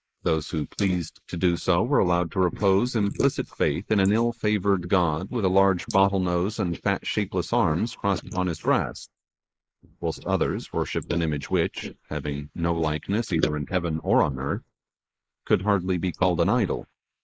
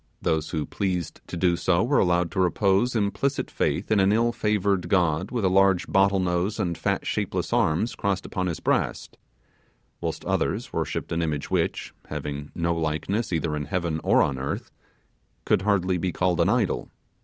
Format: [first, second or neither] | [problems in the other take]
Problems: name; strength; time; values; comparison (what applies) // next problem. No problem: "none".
second | noise reduction (neural mask model Resemble Enhance denoiser)